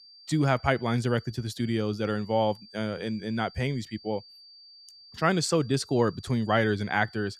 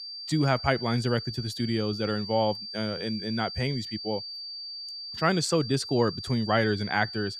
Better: first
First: high-pitched whine; faint; throughout; 4.5 kHz, 20 dB below the speech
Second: high-pitched whine; loud; throughout; 4.5 kHz, 8 dB below the speech

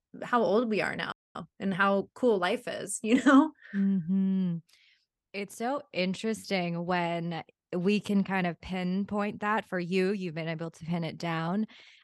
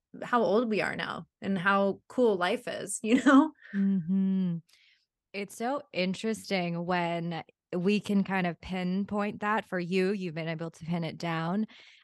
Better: second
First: audio freezing; at 1 s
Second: none

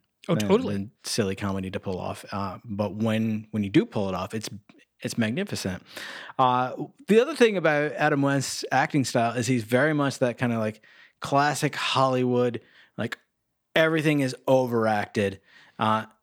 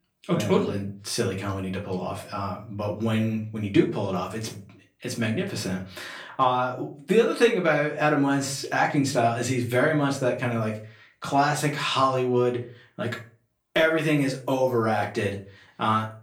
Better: first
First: none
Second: room echo; slight; dies away in 0.3 s // off-mic speech; far

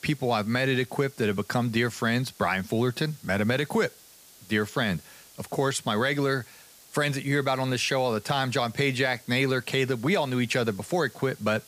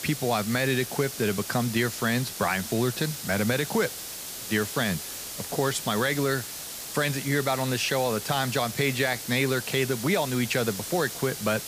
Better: first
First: hiss; faint; throughout; 25 dB below the speech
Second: hiss; loud; throughout; 7 dB below the speech

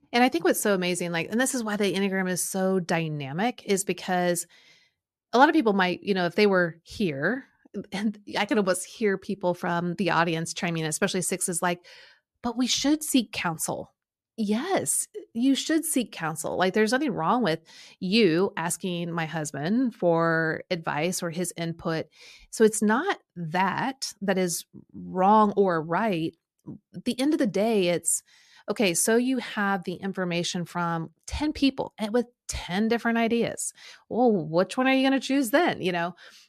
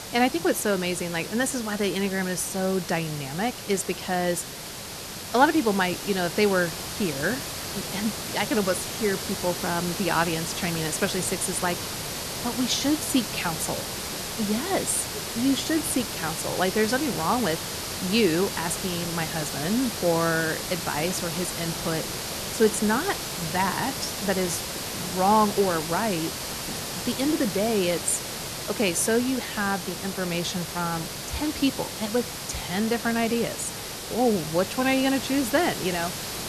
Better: first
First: none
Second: hiss; loud; throughout; 5 dB below the speech

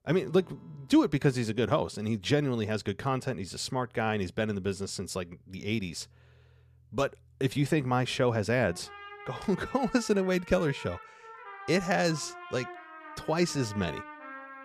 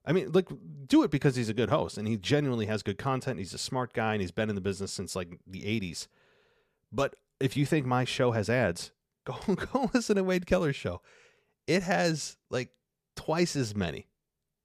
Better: second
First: background music; noticeable; throughout; 15 dB below the speech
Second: none

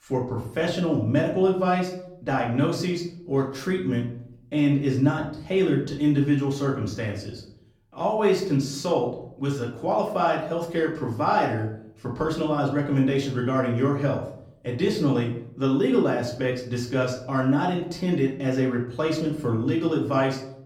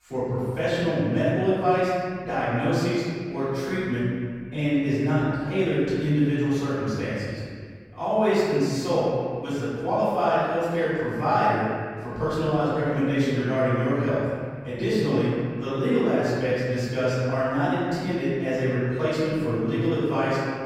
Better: first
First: room echo; slight; dies away in 0.5 s // off-mic speech; far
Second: room echo; strong; dies away in 1.9 s // off-mic speech; far

